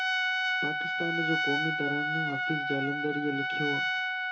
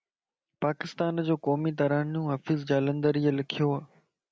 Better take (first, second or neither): second